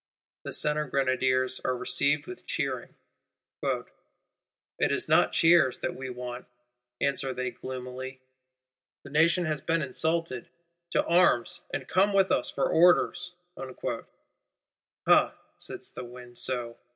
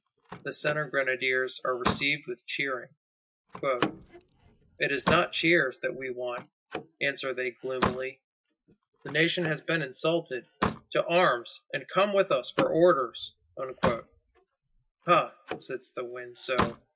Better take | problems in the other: first | noise reduction (classical method Wiener filter)

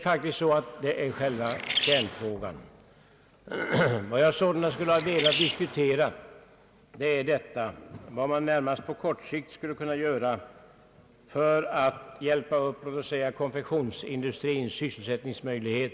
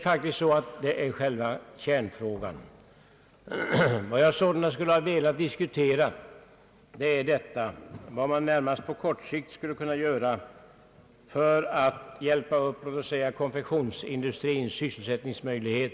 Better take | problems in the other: second | background sound (Bird); 3 dB below the speech

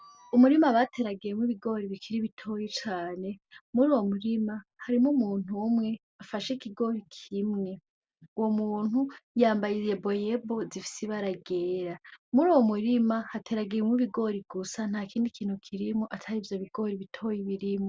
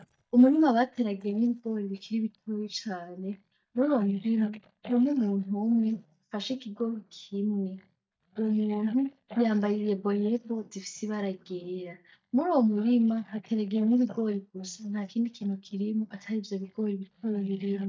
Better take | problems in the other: first | noise reduction (neural mask model DeepFilterNet 3)

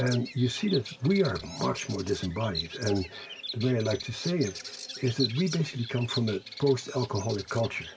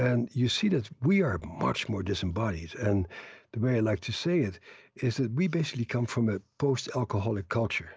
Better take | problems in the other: second | background sound (Bird vocalization, bird call, bird song); 11 dB below the speech // room echo; dies away in 0.2 s

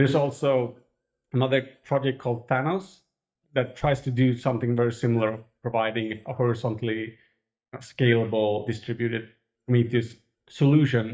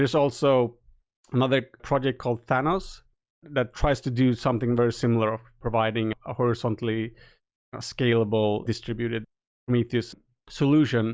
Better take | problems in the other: second | noise reduction (neural mask model DeepFilterNet 3)

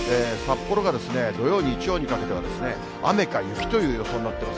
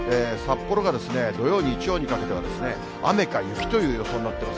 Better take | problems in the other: second | background sound (Crash cymbal); 19 dB below the speech

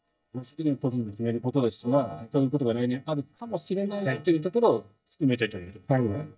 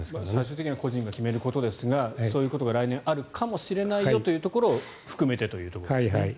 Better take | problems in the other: second | noise reduction (neural mask model DeepFilterNet 3)

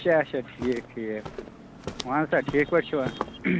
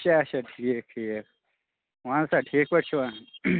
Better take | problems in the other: second | background sound (Walk, footsteps); 11 dB below the speech

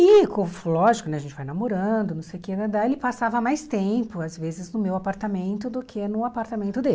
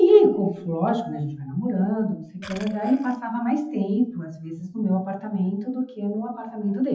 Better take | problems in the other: first | noise reduction (classical method WPE with log-MMSE)

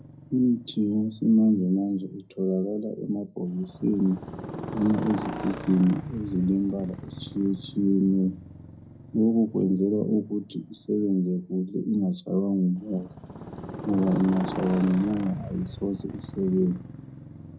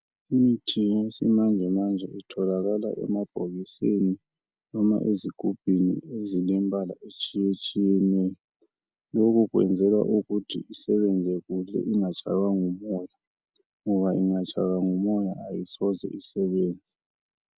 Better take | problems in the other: second | background sound (Motorcycle); 13 dB below the speech // room echo; dies away in 0.4 s

